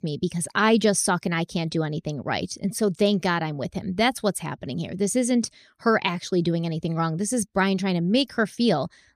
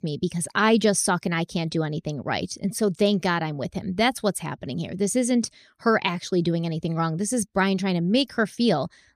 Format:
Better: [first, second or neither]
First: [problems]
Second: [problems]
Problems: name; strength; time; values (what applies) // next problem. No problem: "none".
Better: neither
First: none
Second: none